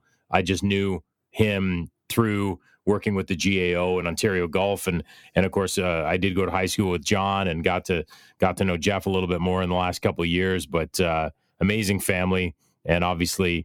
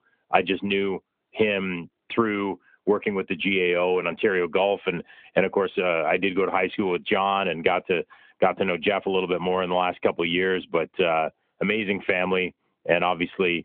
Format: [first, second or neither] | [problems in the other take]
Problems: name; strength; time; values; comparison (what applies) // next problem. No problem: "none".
first | phone-call audio; nothing above 3 kHz